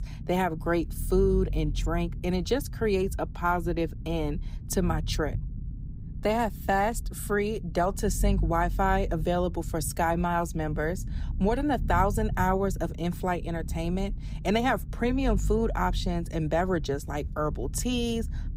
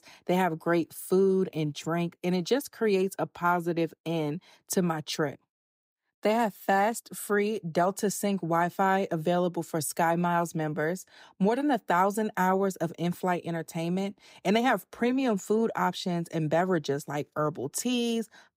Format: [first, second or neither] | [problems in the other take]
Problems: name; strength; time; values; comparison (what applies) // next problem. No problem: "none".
second | low rumble; faint; throughout; 20 dB below the speech